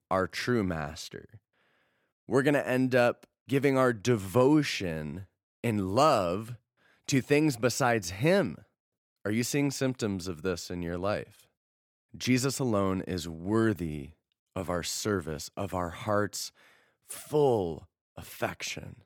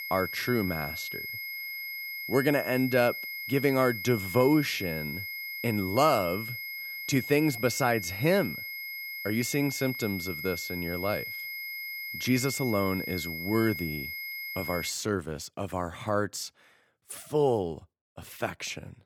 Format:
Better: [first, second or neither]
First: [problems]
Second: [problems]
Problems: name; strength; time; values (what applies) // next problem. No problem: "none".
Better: first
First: none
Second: high-pitched whine; loud; until 15 s; 2 kHz, 6 dB below the speech